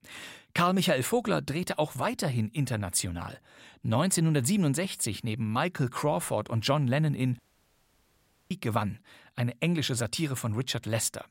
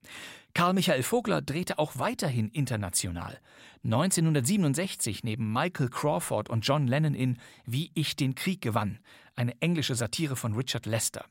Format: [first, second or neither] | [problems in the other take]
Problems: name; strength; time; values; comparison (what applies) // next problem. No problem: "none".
second | audio cutting out; at 7.5 s for 1 s